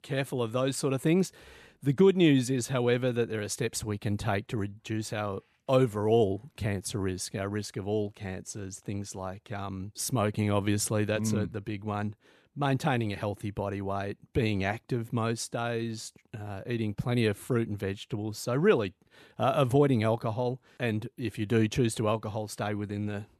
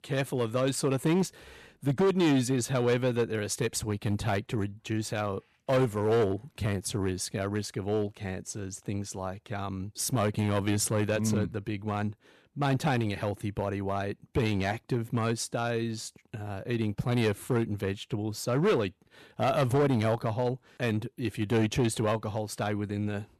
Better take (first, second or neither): first